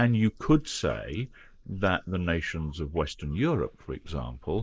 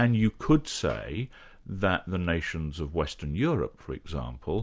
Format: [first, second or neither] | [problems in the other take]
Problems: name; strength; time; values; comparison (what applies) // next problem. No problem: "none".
second | noise reduction (neural mask model Resemble Enhance denoiser)